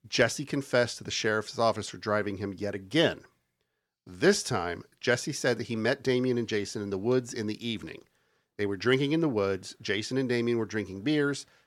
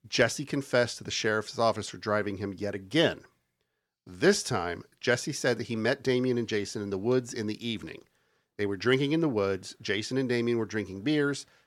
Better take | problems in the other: neither | none

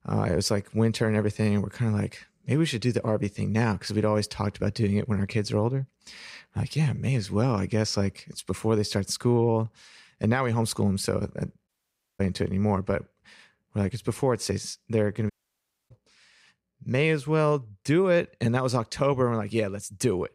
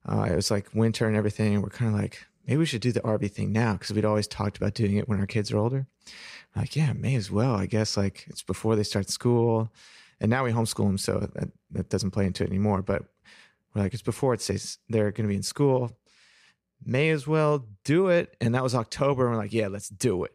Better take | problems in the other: second | audio cutting out; at 12 s for 0.5 s and at 15 s for 0.5 s

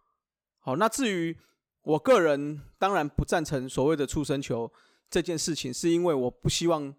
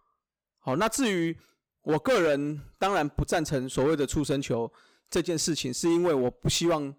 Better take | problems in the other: first | distortion; slight; 8% of the sound clipped

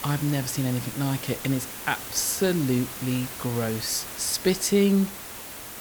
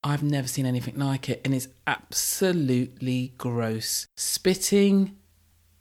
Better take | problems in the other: second | hiss; loud; throughout; 9 dB below the speech

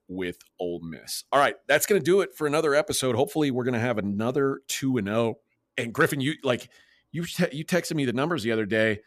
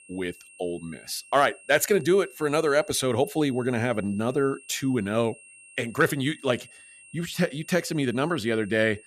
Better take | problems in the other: first | high-pitched whine; faint; throughout; 2.5 kHz, 20 dB below the speech

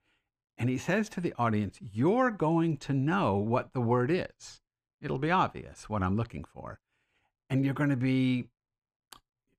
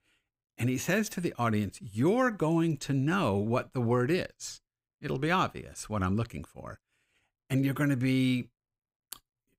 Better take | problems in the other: second | muffled; slightly; fading above 1.5 kHz

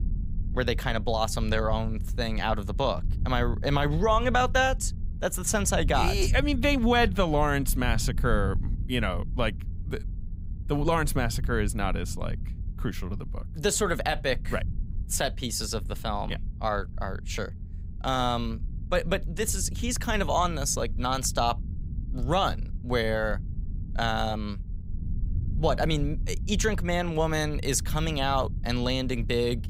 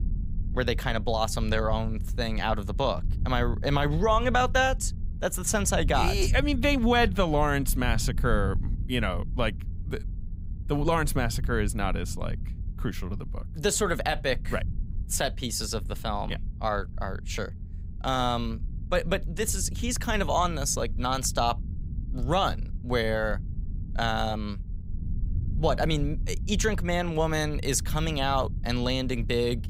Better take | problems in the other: neither | low rumble; faint; throughout; 20 dB below the speech; the same in both

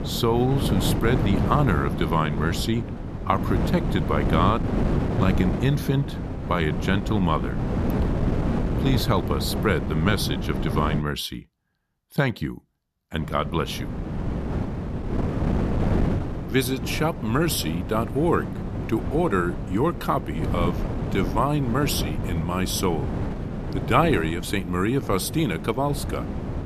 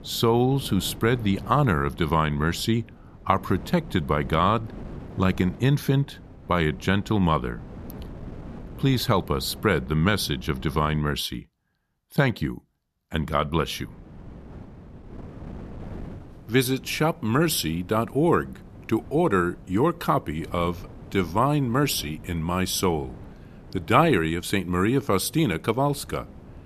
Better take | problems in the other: second | wind noise on the microphone; heavy; until 11 s and from 13 s on; 7 dB below the speech; occasional gusts in the second

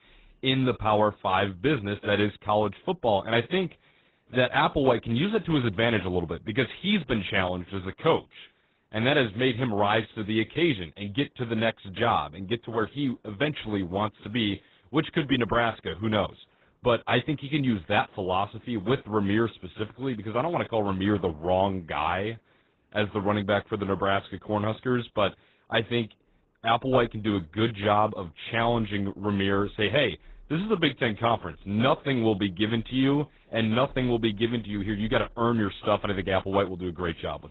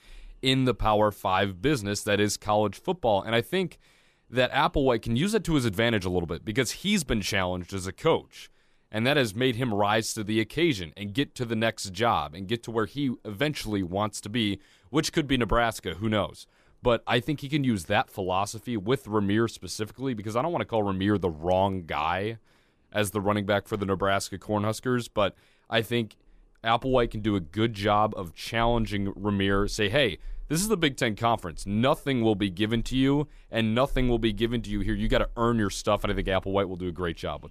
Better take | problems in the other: second | garbled, watery; badly; nothing above 4 kHz

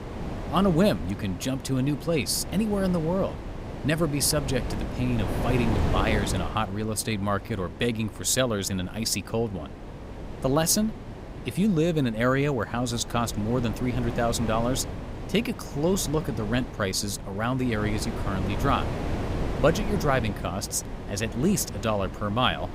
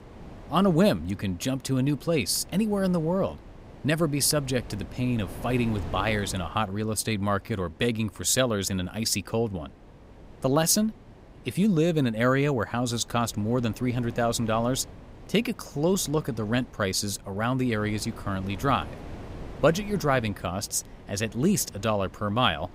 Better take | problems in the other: second | wind noise on the microphone; heavy; 10 dB below the speech; occasional gusts in the second

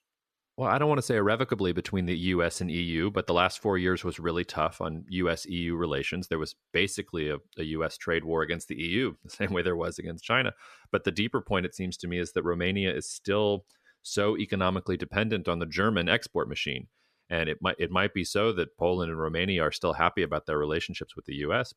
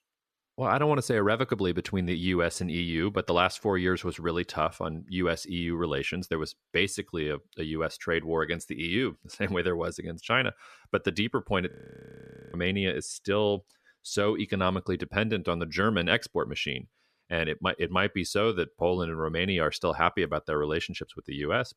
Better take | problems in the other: first | audio freezing; at 12 s for 1 s

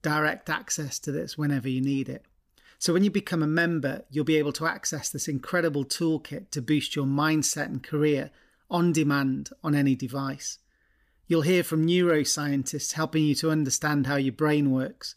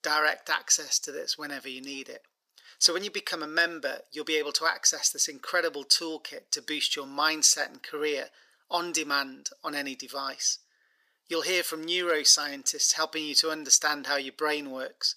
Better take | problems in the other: first | thin; very; fading below 500 Hz

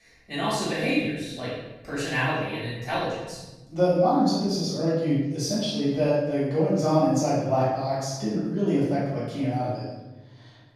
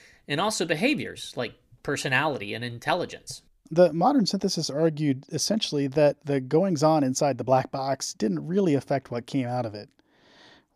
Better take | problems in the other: second | off-mic speech; far // room echo; strong; dies away in 1.1 s

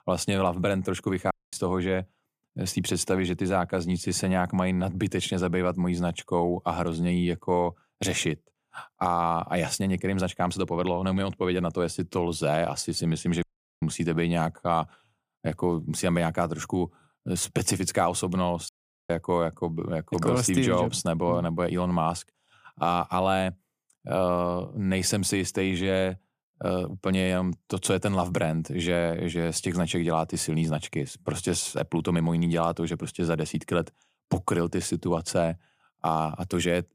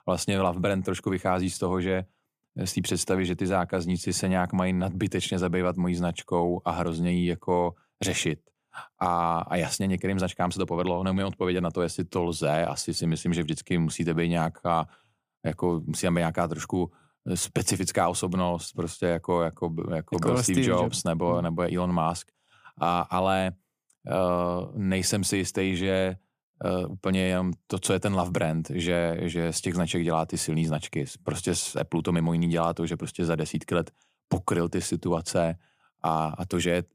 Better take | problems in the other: second | audio cutting out; at 1.5 s, at 13 s and at 19 s

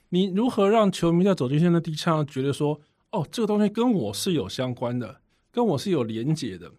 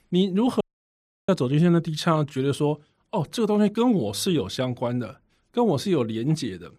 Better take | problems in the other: first | audio cutting out; at 0.5 s for 0.5 s

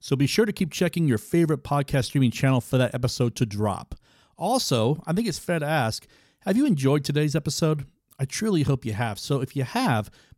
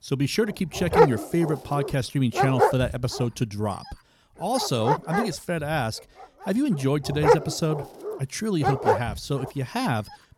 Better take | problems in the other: first | animal sounds; very loud; throughout; 1 dB above the speech

